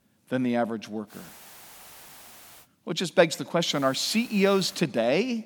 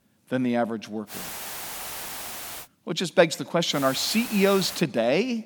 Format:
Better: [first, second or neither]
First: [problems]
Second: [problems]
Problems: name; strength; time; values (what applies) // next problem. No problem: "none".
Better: first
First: hiss; faint; from 1 to 2.5 s and from 3.5 to 5 s; 20 dB below the speech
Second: hiss; loud; from 1 to 2.5 s and from 3.5 to 5 s; 10 dB below the speech